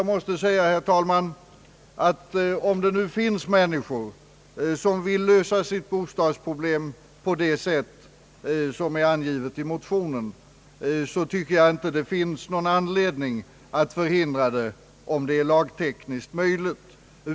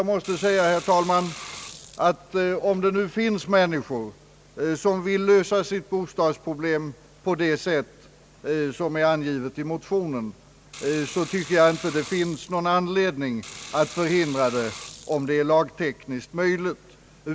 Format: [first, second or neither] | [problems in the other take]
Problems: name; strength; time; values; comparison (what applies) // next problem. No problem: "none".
first | background sound (Sink (filling or washing) / Water); 16 dB below the speech